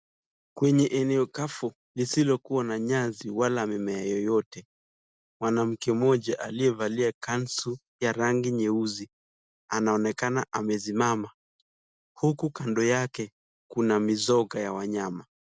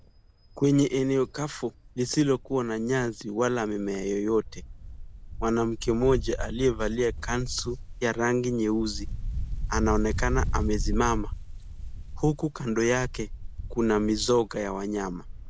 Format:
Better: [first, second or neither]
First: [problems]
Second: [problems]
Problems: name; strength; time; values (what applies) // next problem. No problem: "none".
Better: first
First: none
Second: background sound (Wind); 6 dB below the speech